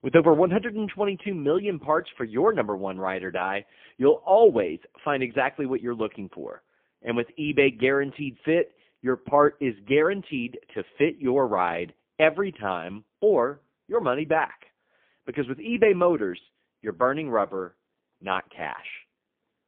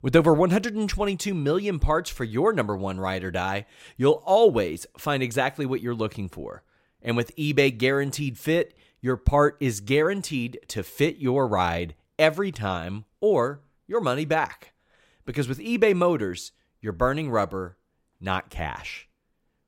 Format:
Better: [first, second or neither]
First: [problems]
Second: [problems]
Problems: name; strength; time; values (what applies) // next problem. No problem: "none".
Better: second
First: phone-call audio; poor line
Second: none